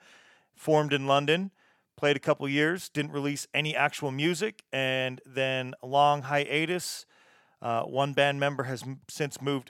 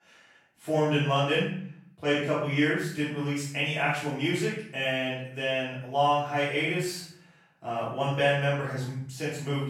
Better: first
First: none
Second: room echo; noticeable; dies away in 0.6 s // off-mic speech; far

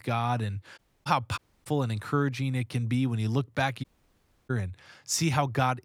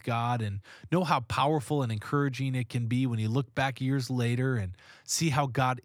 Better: second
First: audio cutting out; at 1 s, at 1.5 s and at 4 s for 0.5 s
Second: none

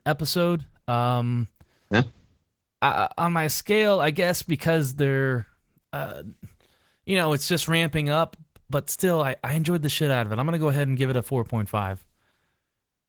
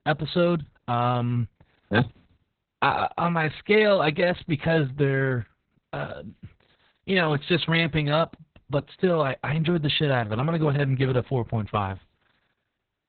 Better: first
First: garbled, watery; slightly; nothing above 19 kHz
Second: garbled, watery; badly; nothing above 4 kHz

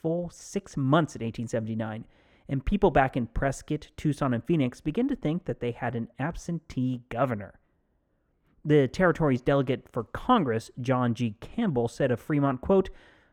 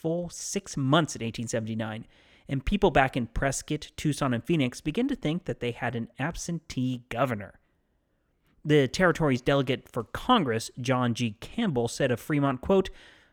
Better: second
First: muffled; slightly; fading above 2 kHz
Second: none

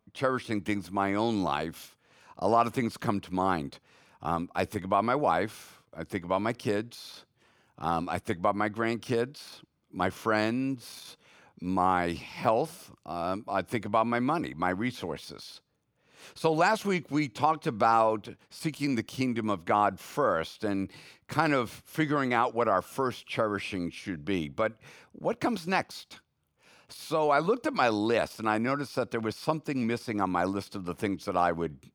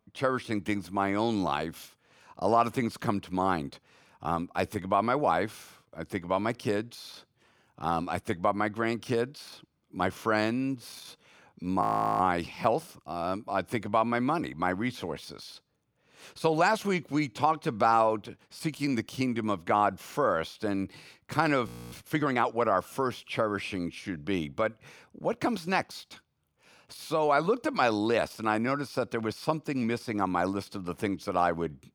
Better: first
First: none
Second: audio freezing; at 12 s and at 22 s

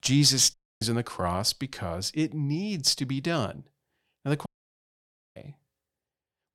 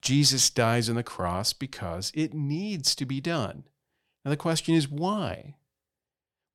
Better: second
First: audio cutting out; at 0.5 s and at 4.5 s for 1 s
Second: none

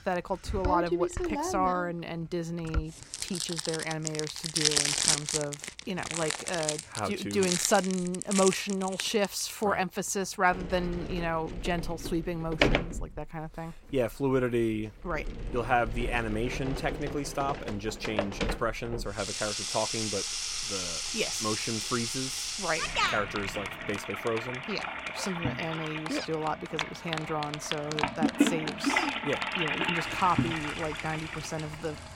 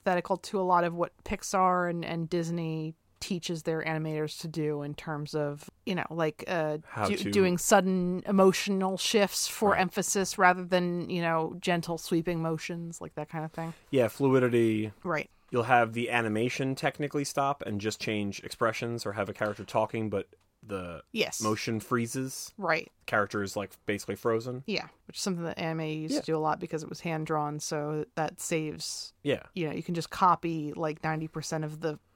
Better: second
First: household noises; very loud; throughout; as loud as the speech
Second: none

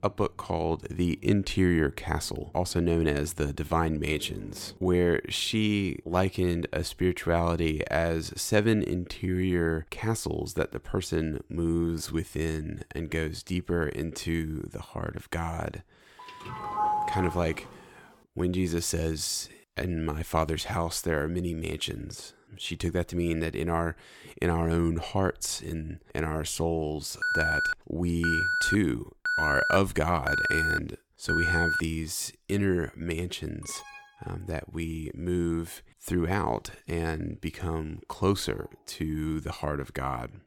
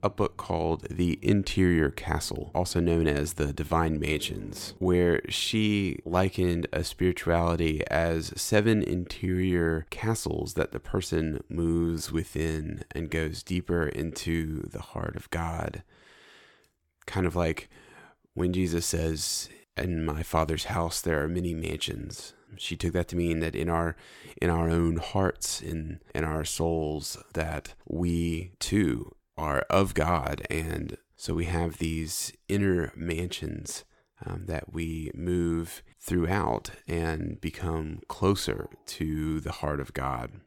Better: second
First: doorbell; loud; from 16 to 18 s; peak 2 dB above the speech // alarm; loud; from 27 to 32 s; peak 4 dB above the speech // alarm; faint; at 34 s; peak 15 dB below the speech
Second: none

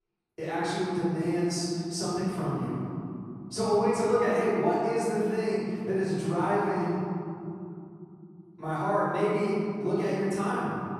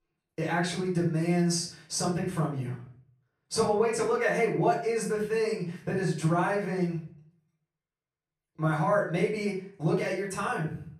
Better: second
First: room echo; strong; dies away in 3 s // off-mic speech; far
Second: room echo; slight; dies away in 0.4 s // off-mic speech; far

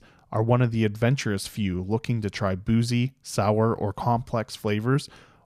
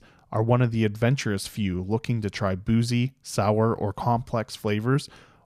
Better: neither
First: none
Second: none

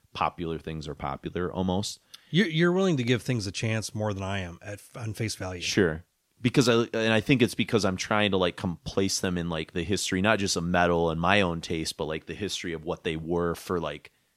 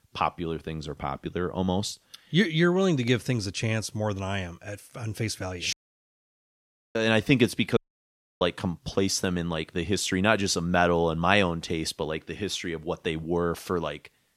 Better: first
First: none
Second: audio cutting out; at 5.5 s for 1 s and at 8 s for 0.5 s

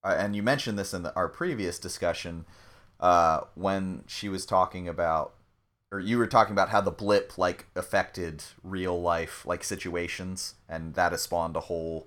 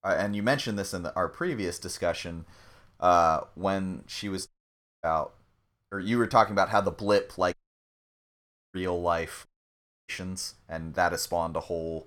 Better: first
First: none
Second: audio cutting out; at 4.5 s for 0.5 s, at 7.5 s for 1 s and at 9.5 s for 0.5 s

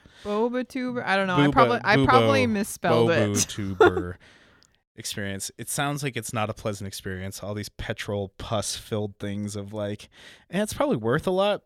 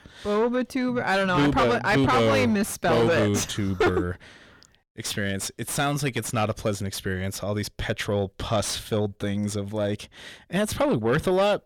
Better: first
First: none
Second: distortion; heavy; 6 dB below the speech

